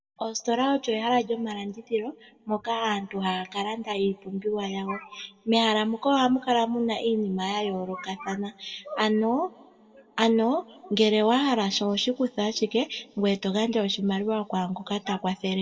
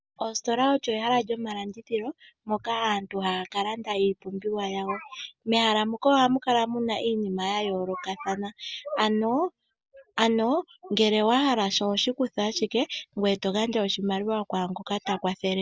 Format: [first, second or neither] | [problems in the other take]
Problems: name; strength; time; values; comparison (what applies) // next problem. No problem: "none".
second | room echo; dies away in 0.9 s